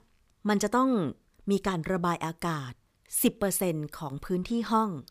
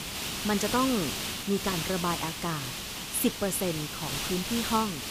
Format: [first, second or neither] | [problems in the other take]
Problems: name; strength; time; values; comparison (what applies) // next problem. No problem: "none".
first | hiss; loud; throughout; 2 dB below the speech